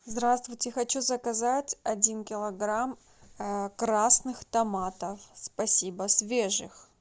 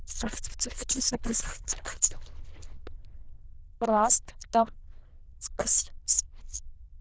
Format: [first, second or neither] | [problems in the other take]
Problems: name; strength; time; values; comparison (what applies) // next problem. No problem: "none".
first | noise reduction (neural diffusion model UNIVERSE++)